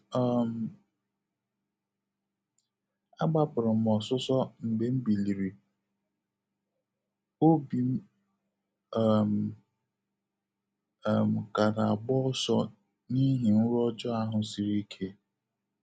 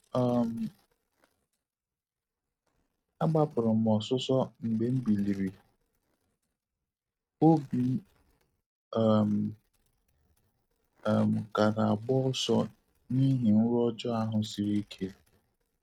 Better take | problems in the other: first | noise reduction (neural mask model RNNoise)

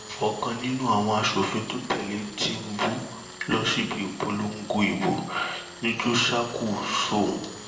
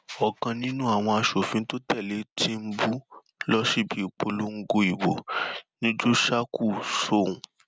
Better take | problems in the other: second | background sound (Tools); 15 dB below the speech // room echo; dies away in 0.7 s

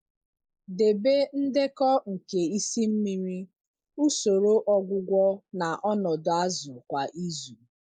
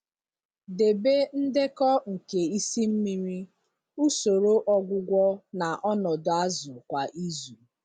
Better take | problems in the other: second | noise reduction (neural mask model Resemble Enhance denoiser)

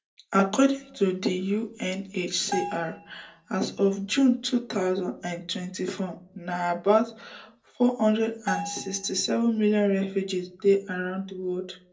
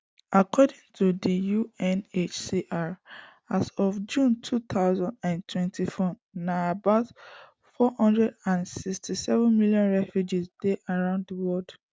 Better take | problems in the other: second | background sound (Bell); 12 dB below the speech // room echo; dies away in 0.2 s

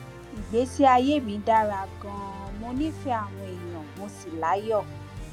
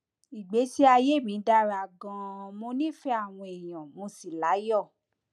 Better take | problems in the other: second | background sound (Musical instrument); 13 dB below the speech

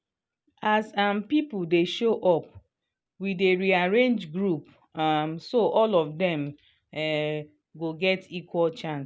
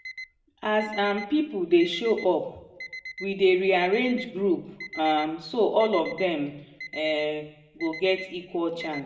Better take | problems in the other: first | background sound (Alarm); 16 dB below the speech // room echo; dies away in 0.7 s

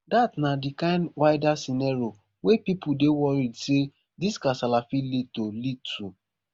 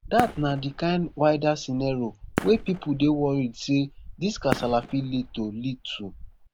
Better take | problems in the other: first | background sound (Fireworks); 12 dB below the speech

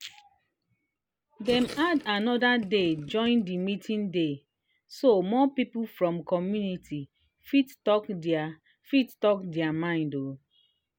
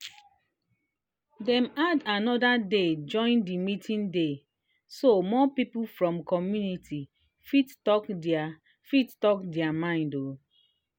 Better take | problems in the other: second | background sound (Gurgling); 18 dB below the speech

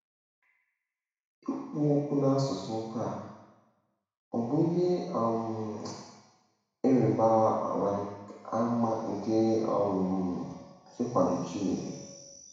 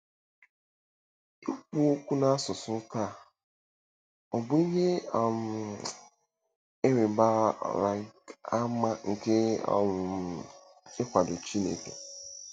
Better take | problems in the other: second | room echo; dies away in 1.1 s

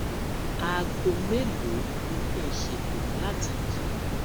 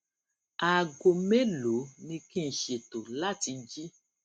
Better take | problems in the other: second | background sound (Water); 5 dB above the speech

